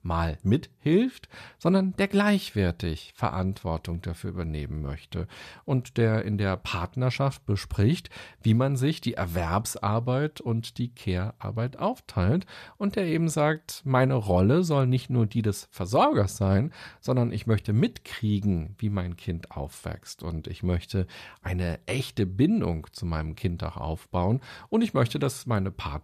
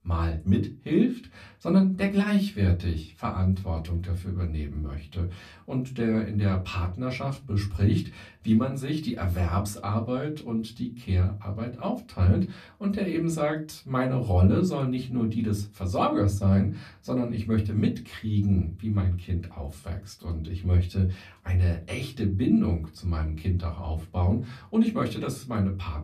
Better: first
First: none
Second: off-mic speech; far // room echo; very slight; dies away in 0.3 s

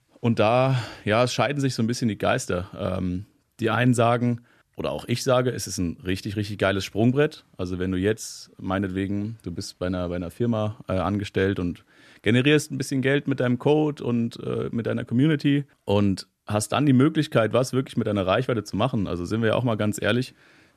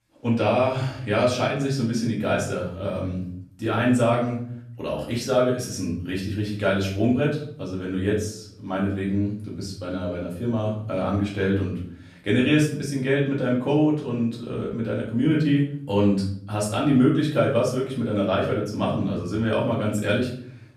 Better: first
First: none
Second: off-mic speech; far // room echo; noticeable; dies away in 0.5 s

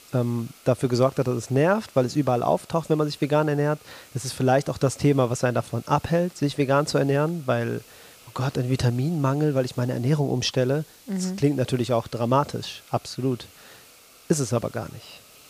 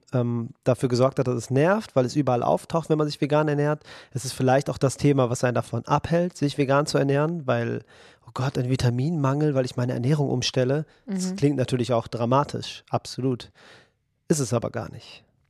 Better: second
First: hiss; faint; throughout; 25 dB below the speech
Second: none

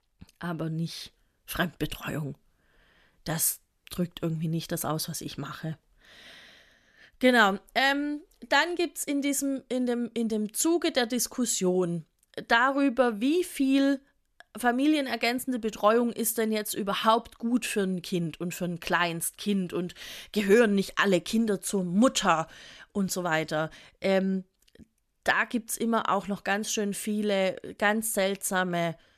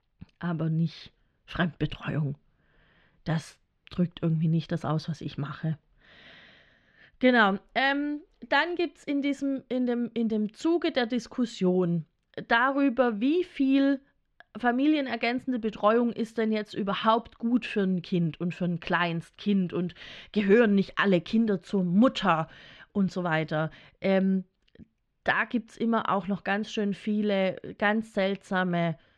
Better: first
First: none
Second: muffled; slightly; fading above 3.5 kHz

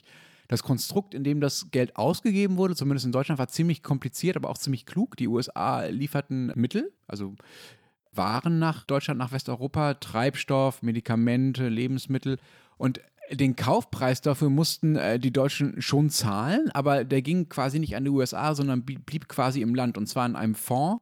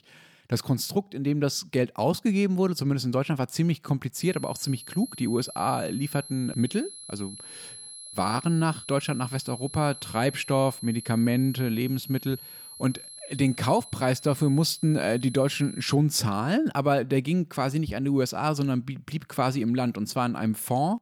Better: first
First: none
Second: high-pitched whine; noticeable; from 4 to 16 s; 11 kHz, 15 dB below the speech

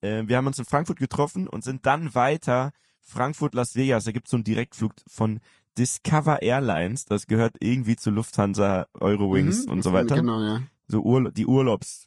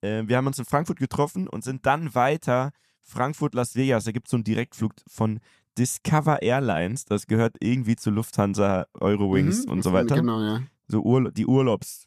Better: second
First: garbled, watery; slightly; nothing above 10.5 kHz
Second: none

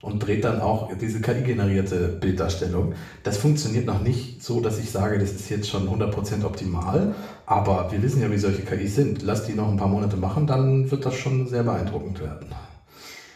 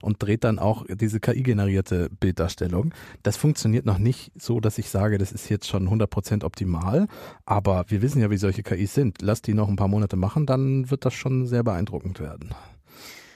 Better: second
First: room echo; noticeable; dies away in 0.5 s // off-mic speech; far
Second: none

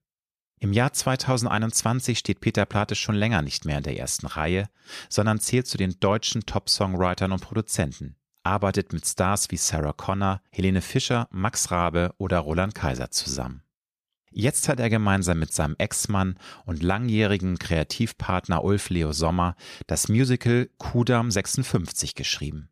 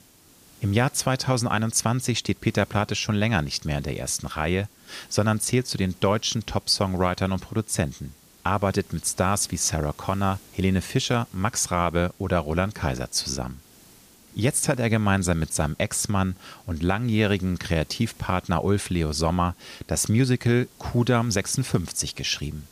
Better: first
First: none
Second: hiss; faint; throughout; 25 dB below the speech

